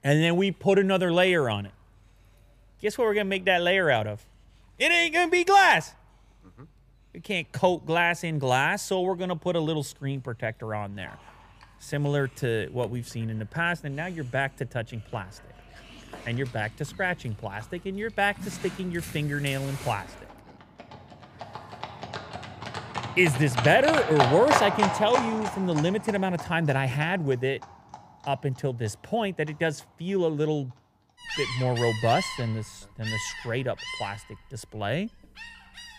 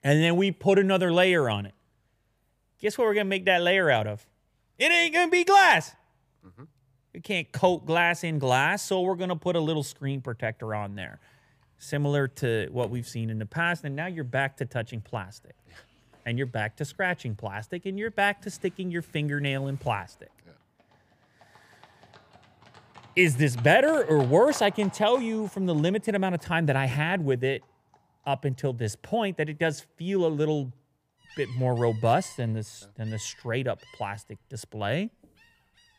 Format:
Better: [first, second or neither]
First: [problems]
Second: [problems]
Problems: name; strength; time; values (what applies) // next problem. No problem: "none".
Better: second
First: animal sounds; loud; throughout; 6 dB below the speech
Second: animal sounds; faint; throughout; 25 dB below the speech